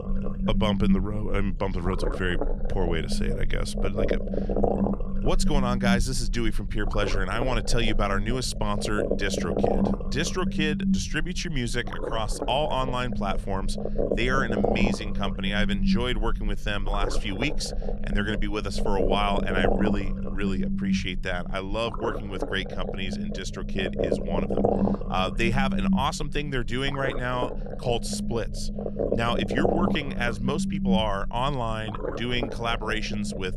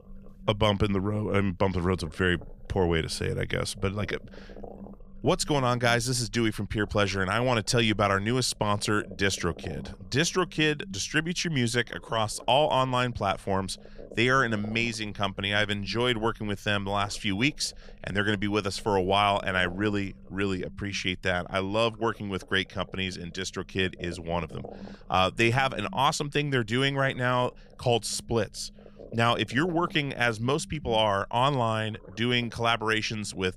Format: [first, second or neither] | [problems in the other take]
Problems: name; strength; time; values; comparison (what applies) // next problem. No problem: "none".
second | low rumble; loud; throughout; 3 dB below the speech; faint in the second